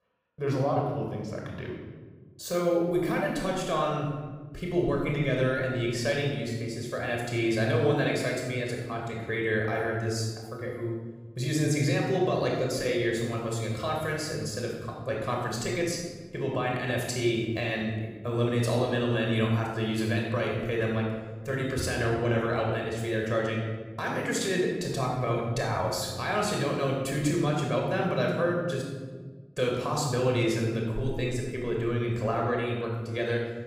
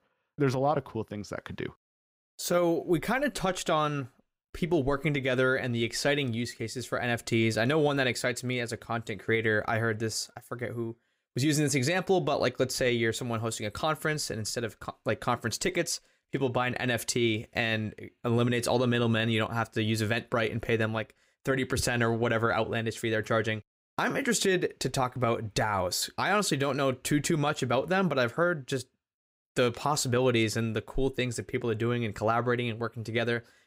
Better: second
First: off-mic speech; somewhat distant // room echo; noticeable; dies away in 1.5 s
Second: none

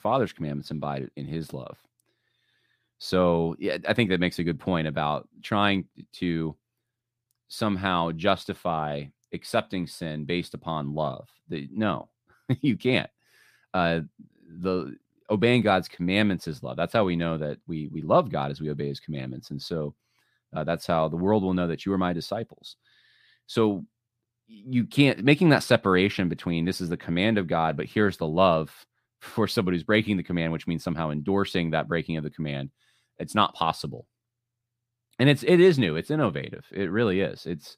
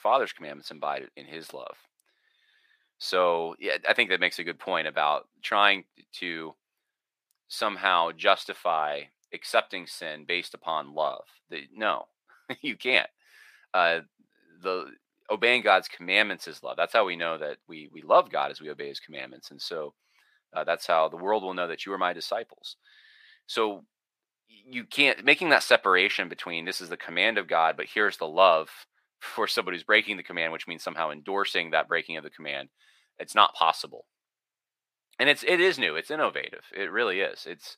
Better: first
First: none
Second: thin; very; fading below 650 Hz

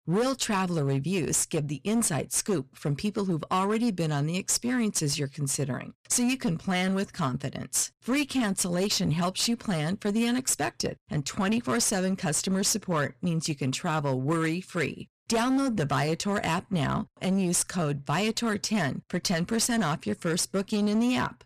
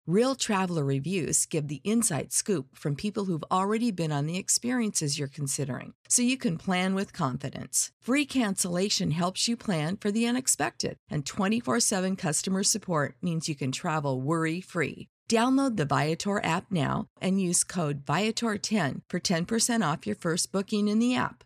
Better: second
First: distortion; slight; 12% of the sound clipped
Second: none

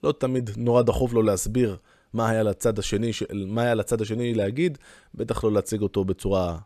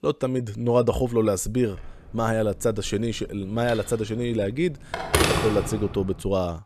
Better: first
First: none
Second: phone ringing; loud; from 2 to 6 s; peak 4 dB above the speech

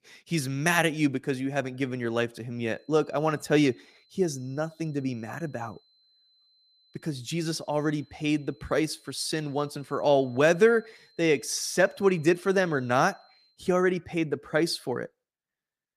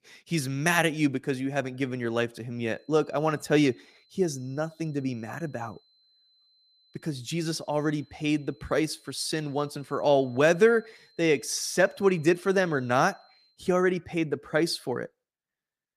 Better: neither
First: high-pitched whine; faint; from 2.5 to 14 s; 4 kHz, 35 dB below the speech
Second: high-pitched whine; faint; from 2.5 to 14 s; 4 kHz, 35 dB below the speech

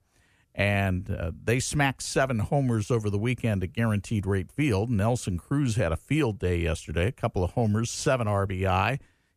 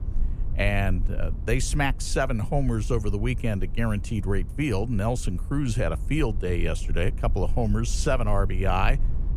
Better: first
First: none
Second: low rumble; faint; throughout; 20 dB below the speech

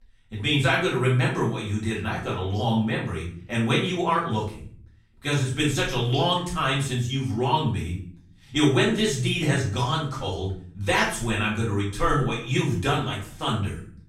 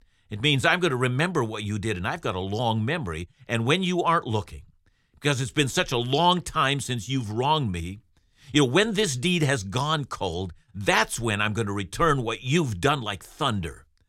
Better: second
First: room echo; noticeable; dies away in 0.5 s // off-mic speech; far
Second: none

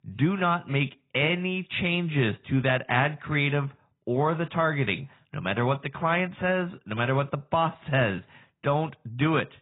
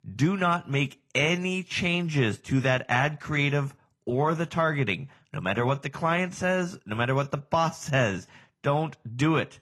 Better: second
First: garbled, watery; badly; nothing above 4 kHz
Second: garbled, watery; slightly; nothing above 12.5 kHz

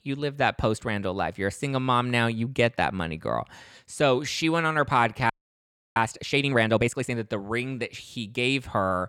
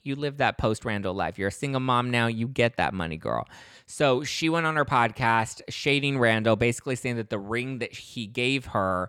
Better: second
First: audio freezing; at 5.5 s for 0.5 s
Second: none

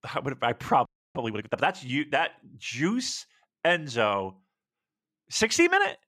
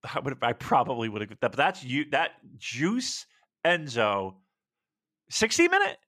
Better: second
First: audio freezing; at 1 s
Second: none

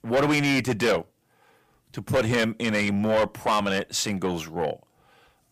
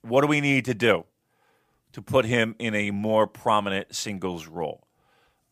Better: second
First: distortion; heavy; 6 dB below the speech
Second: none

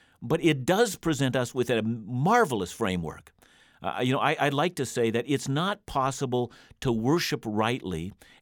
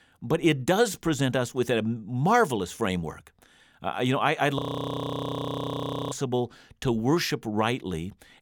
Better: first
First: none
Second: audio freezing; at 4.5 s for 1.5 s

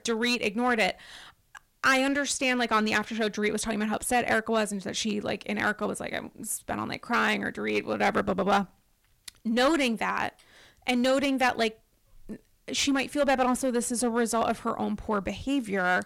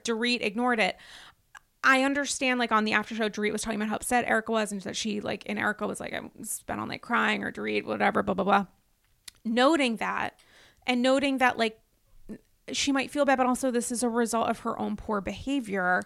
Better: second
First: distortion; slight; 4% of the sound clipped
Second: none

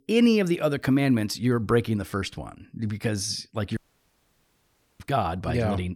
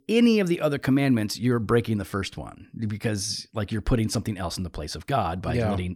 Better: second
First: audio cutting out; at 4 s for 1 s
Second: none

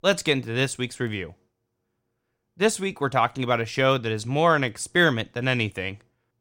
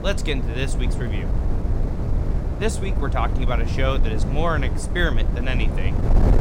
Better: first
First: none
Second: wind noise on the microphone; heavy; 7 dB below the speech

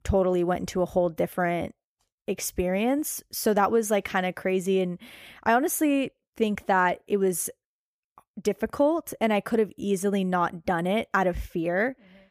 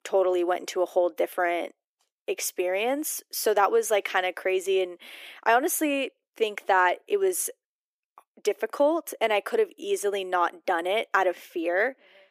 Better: first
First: none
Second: thin; somewhat; fading below 300 Hz

